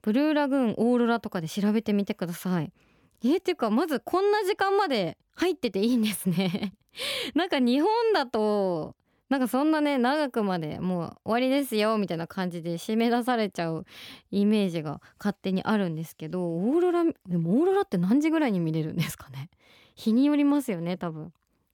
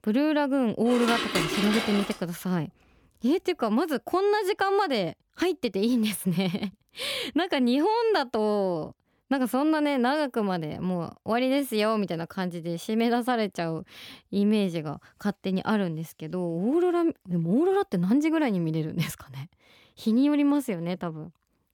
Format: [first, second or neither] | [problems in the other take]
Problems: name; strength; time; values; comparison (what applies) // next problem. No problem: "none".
first | clattering dishes; loud; from 1 to 2 s; peak level with the speech